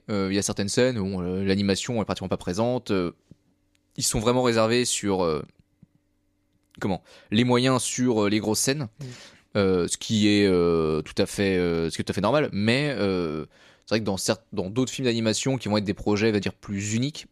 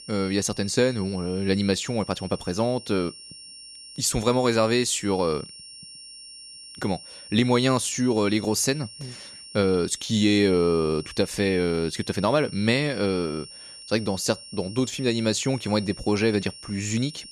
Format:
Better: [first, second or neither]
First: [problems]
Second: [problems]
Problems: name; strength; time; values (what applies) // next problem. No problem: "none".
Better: first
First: none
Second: high-pitched whine; noticeable; throughout; 5.5 kHz, 15 dB below the speech